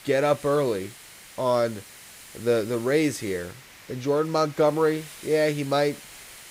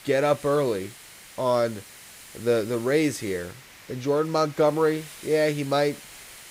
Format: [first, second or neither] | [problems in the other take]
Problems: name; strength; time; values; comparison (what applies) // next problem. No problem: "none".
neither | hiss; noticeable; throughout; 20 dB below the speech; the same in both